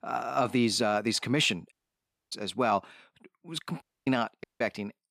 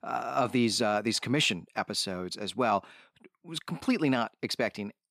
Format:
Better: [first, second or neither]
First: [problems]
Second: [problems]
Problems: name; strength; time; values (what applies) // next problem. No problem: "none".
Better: second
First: audio cutting out; at 1.5 s for 0.5 s, at 4 s and at 4.5 s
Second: none